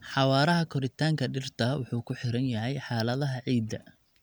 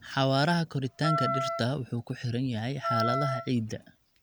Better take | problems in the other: first | background sound (Wind instrument, woodwind instrument); 3 dB below the speech

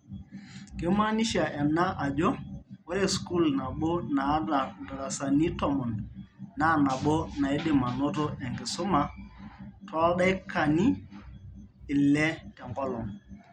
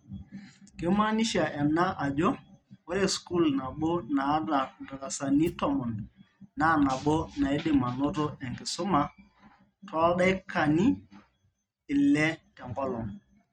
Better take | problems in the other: first | noise reduction (neural mask model RNNoise)

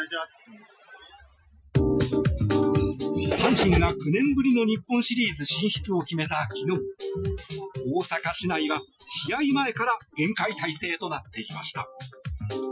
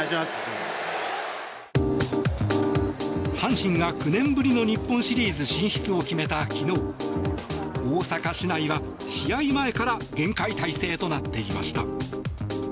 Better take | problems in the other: second | noise reduction (classical method Wiener filter)

